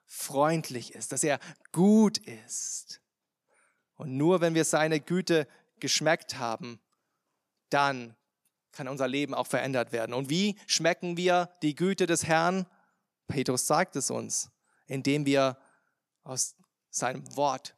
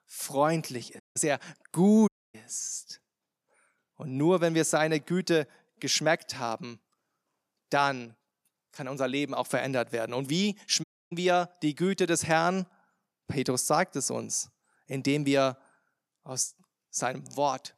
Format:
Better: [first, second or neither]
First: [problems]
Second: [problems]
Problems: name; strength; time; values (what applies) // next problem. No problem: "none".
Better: first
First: none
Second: audio cutting out; at 1 s, at 2 s and at 11 s